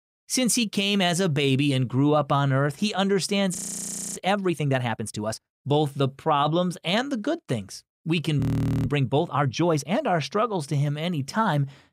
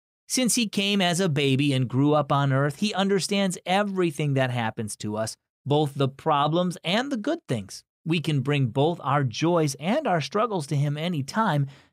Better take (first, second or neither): second